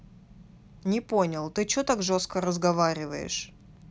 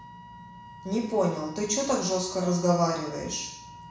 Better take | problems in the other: first | background sound (Wind instrument, woodwind instrument); 18 dB below the speech // room echo; dies away in 0.7 s

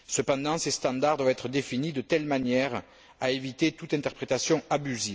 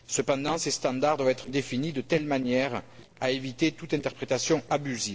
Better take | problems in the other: first | noise reduction (neural separator model SepFormer DNS4)

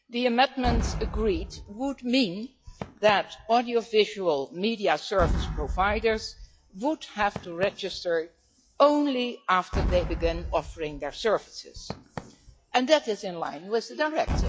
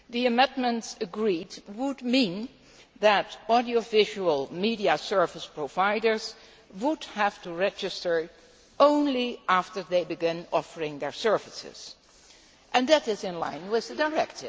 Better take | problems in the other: second | noise reduction (classical method log-MMSE)

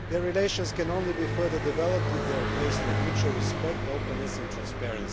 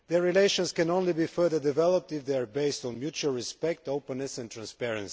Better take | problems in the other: second | background sound (Car passing by); 1 dB above the speech

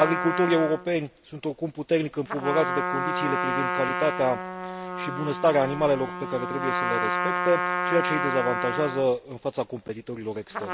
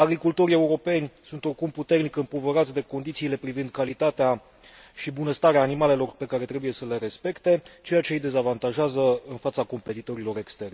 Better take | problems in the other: second | background sound (Trumpet); 3 dB below the speech

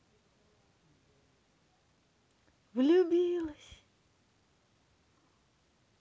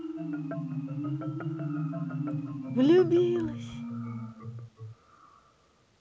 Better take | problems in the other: first | background sound (Marimba, xylophone); 4 dB below the speech

